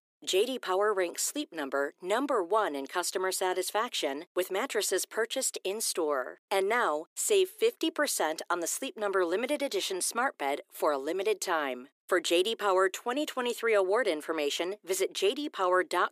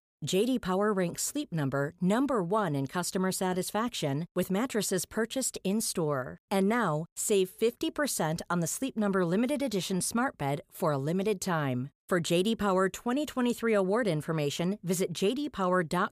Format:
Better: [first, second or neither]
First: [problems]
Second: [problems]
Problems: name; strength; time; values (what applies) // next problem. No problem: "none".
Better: second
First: thin; somewhat; fading below 300 Hz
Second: none